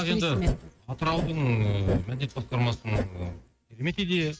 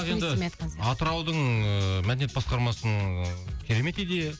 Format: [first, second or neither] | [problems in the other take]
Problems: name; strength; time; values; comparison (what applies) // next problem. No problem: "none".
second | noise reduction (neural mask model RNNoise)